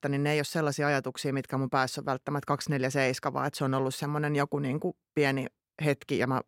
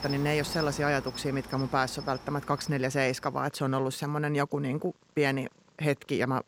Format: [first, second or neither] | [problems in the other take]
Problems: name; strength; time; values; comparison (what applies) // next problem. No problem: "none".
first | animal sounds; noticeable; throughout; 10 dB below the speech